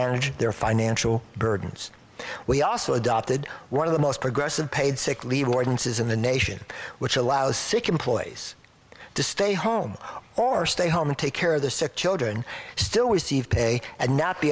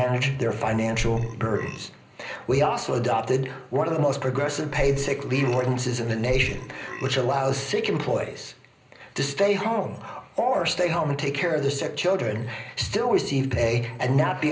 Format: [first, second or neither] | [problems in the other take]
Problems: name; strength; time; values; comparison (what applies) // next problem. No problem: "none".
first | background sound (Burping, eructation); 10 dB below the speech // room echo; dies away in 0.5 s